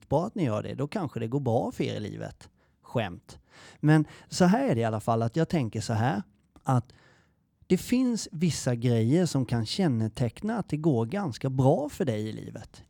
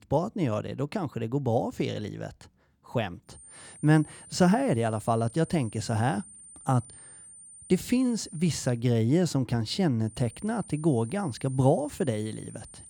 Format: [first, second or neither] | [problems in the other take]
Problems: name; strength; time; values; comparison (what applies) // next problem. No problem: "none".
first | high-pitched whine; noticeable; from 3.5 to 8.5 s and from 10 s on; 9 kHz, 20 dB below the speech